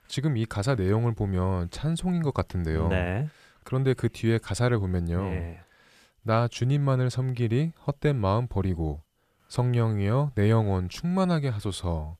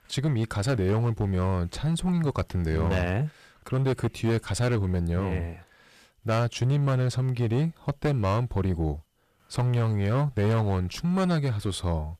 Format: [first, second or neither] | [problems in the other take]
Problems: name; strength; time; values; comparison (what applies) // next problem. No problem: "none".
first | distortion; slight; 11% of the sound clipped